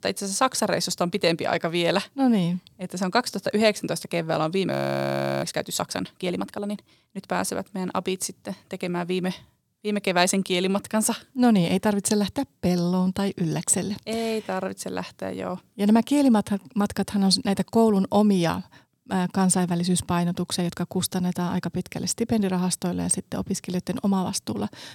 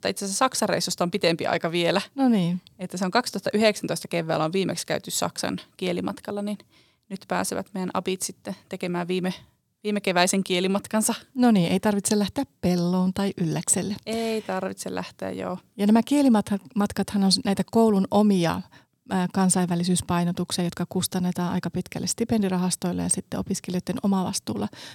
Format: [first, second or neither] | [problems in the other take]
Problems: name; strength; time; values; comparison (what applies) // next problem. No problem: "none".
second | audio freezing; at 4.5 s for 0.5 s